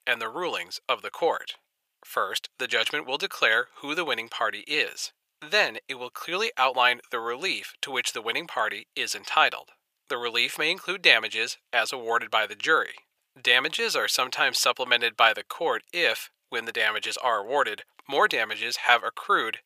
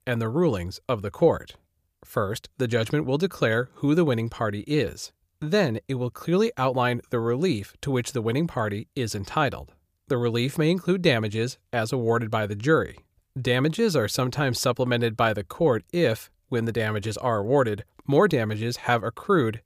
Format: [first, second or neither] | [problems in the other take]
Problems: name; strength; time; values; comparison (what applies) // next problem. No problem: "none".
second | thin; very; fading below 750 Hz